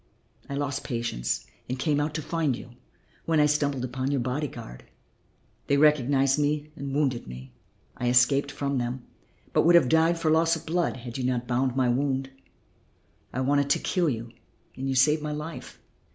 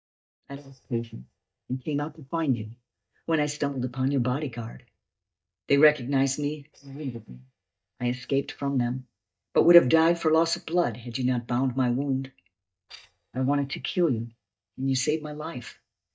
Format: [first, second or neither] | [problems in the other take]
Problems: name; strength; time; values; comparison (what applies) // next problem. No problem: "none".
first | noise reduction (neural mask model DeepFilterNet 3)